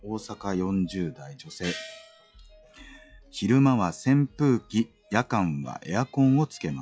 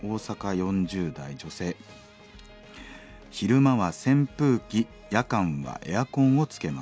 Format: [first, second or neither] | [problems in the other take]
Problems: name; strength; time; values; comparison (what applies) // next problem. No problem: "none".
second | noise reduction (classical method log-MMSE)